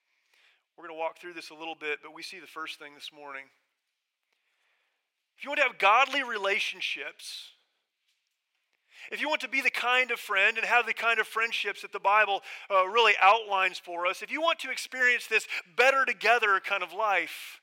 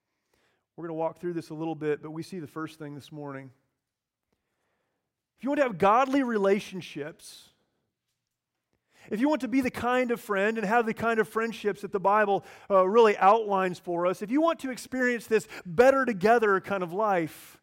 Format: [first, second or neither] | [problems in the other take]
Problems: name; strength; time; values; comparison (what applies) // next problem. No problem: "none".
second | thin; very; fading below 700 Hz